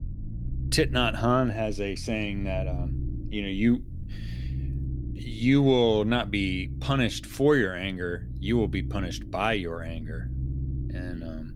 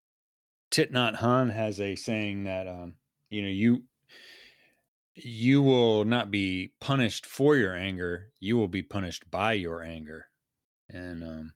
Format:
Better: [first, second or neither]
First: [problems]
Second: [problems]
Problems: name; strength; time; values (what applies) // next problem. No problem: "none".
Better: second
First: low rumble; noticeable; throughout; 20 dB below the speech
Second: none